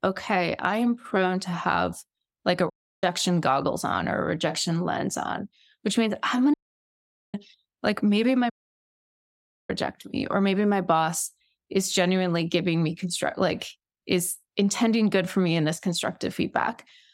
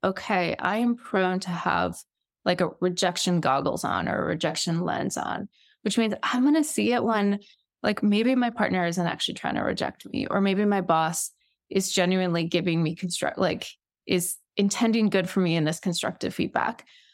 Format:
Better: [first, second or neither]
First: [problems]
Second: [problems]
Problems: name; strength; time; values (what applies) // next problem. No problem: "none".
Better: second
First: audio cutting out; at 2.5 s, at 6.5 s for 1 s and at 8.5 s for 1 s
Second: none